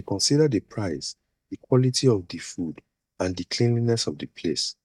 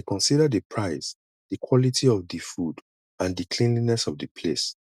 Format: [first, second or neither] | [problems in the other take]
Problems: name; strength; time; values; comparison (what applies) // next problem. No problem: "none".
second | noise reduction (neural mask model DeepFilterNet 3)